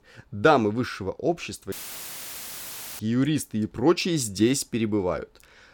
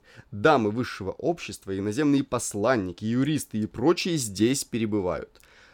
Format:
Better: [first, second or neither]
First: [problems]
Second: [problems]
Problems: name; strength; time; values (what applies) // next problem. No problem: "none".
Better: second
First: audio cutting out; filled with static; at 1.5 s for 1.5 s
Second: none